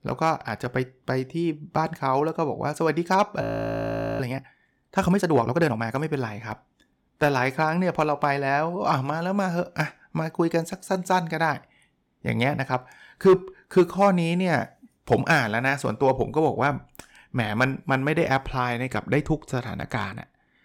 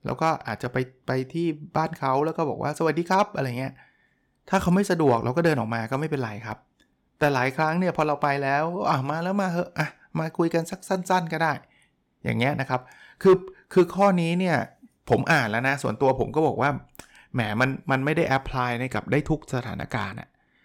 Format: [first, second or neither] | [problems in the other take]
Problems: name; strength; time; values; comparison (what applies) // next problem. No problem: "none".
second | audio freezing; at 3.5 s for 1 s